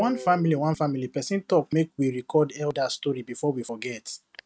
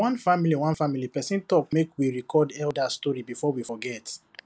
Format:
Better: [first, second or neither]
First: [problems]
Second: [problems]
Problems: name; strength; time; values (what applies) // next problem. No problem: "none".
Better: second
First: noise reduction (neural mask model RNNoise)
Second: none